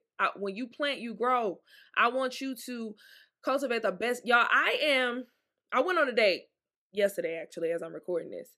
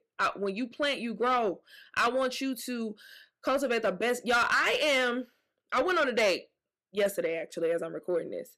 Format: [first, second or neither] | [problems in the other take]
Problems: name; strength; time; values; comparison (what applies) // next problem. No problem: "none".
first | distortion; slight; 10 dB below the speech